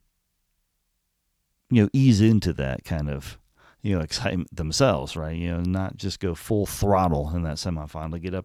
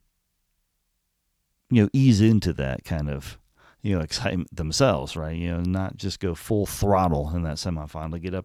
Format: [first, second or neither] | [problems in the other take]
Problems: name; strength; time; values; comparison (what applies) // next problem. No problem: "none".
neither | none